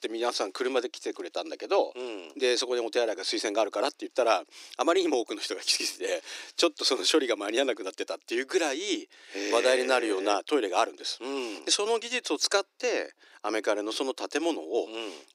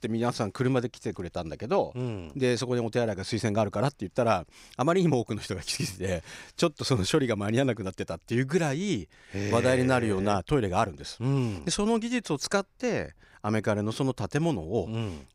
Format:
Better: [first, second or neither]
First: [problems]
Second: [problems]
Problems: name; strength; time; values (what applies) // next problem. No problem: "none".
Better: second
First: thin; very; fading below 300 Hz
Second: none